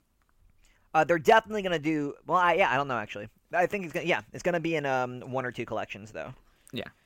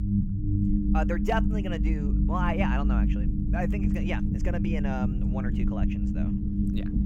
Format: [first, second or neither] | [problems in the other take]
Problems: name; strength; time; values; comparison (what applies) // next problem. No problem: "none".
first | low rumble; loud; throughout; 3 dB below the speech